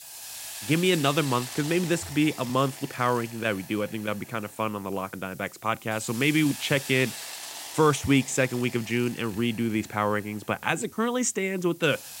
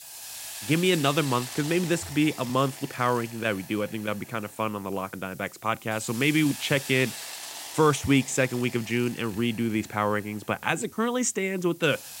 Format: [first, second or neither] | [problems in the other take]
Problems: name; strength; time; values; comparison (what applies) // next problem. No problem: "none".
neither | hiss; noticeable; throughout; 10 dB below the speech; the same in both